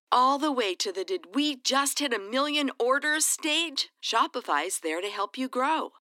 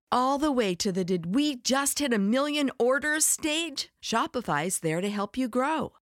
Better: second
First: thin; very slightly; fading below 250 Hz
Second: none

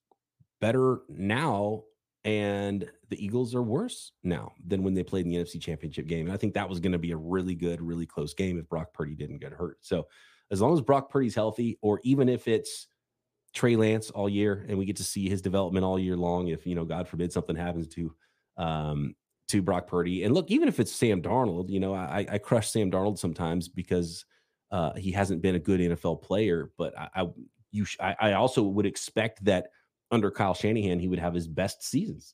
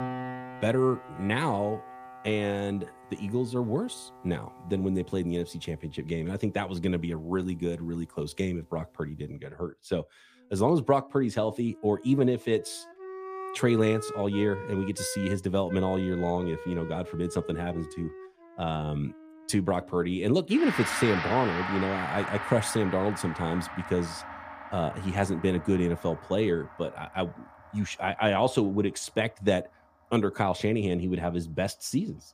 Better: first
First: none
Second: background music; loud; throughout; 9 dB below the speech

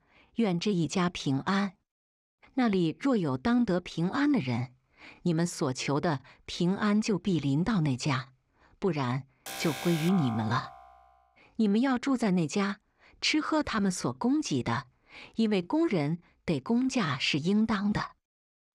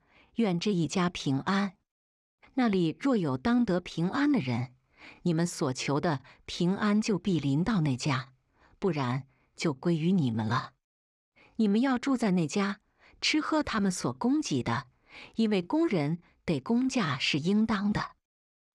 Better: second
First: alarm; noticeable; from 9.5 to 11 s; peak 7 dB below the speech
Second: none

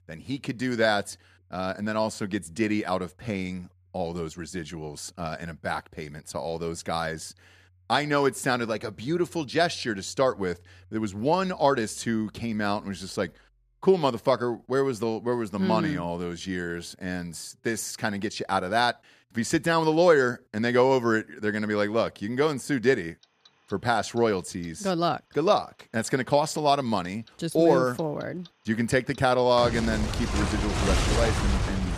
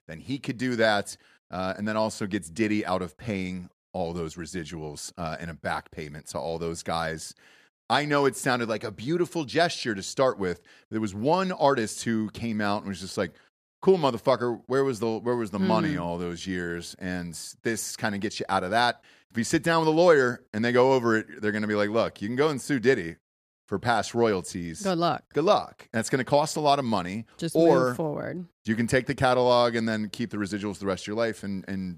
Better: second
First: household noises; loud; throughout; 1 dB below the speech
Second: none

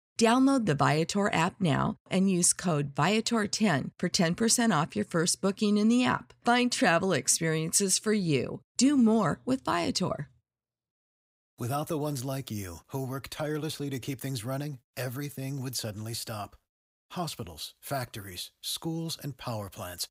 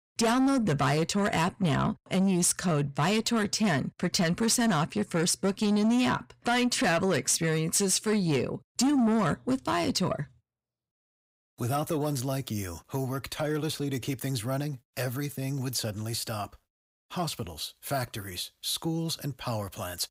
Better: first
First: none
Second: distortion; slight; 10 dB below the speech

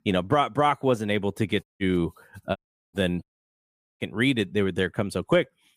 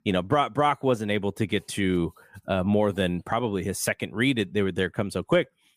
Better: second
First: audio cutting out; at 1.5 s, at 2.5 s and at 3 s for 1 s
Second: none

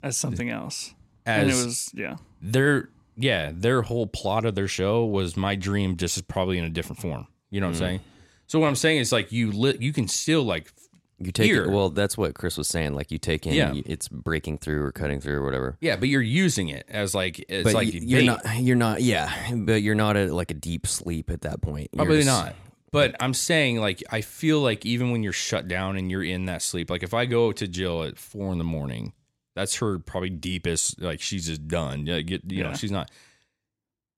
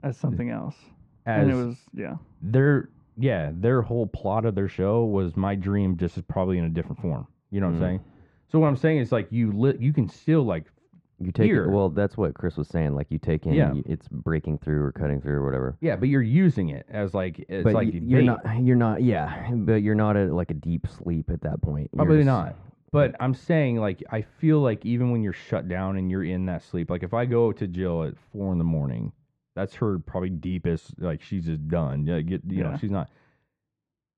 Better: first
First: none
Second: muffled; very; fading above 1 kHz

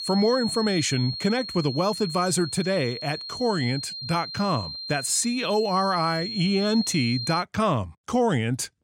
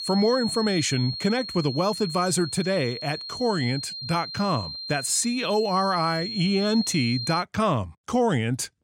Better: neither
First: high-pitched whine; loud; until 7.5 s; 4.5 kHz, 7 dB below the speech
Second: high-pitched whine; loud; until 7.5 s; 4.5 kHz, 7 dB below the speech

